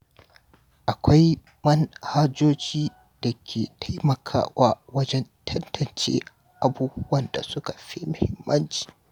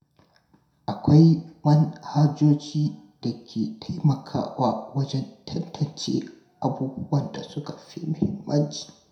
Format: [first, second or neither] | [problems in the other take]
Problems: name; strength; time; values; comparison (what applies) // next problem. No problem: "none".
first | room echo; dies away in 0.5 s